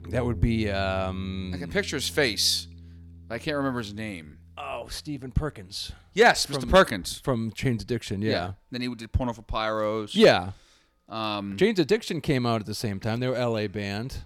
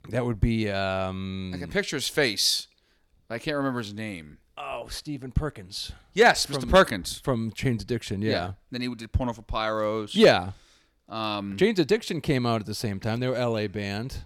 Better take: second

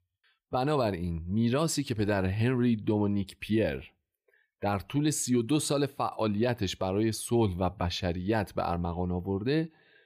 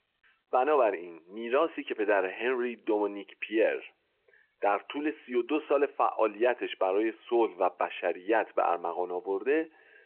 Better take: first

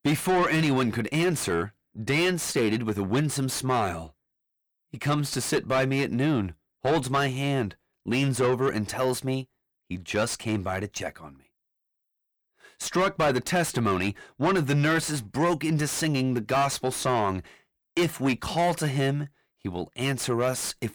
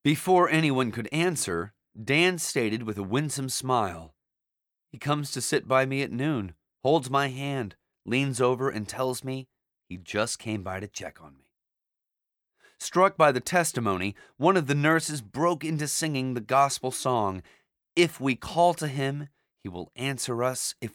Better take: second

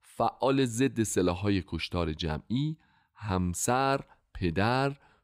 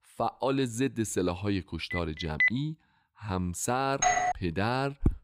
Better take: first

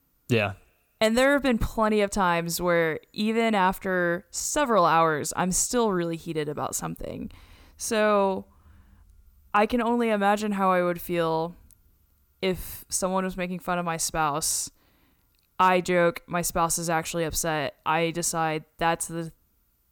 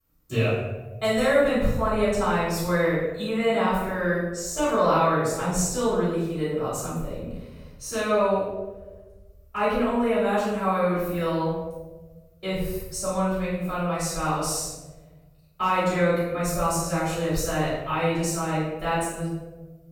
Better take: first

